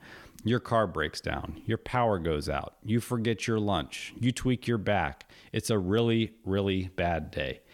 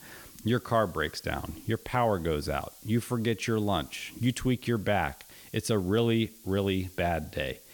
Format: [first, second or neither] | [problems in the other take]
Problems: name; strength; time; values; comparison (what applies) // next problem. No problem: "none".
first | hiss; faint; throughout; 20 dB below the speech